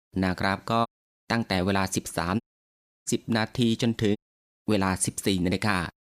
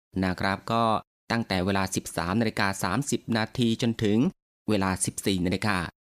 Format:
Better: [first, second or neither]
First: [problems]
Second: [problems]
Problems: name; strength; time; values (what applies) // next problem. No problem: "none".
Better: second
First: audio cutting out; at 1 s, at 2.5 s for 0.5 s and at 4 s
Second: none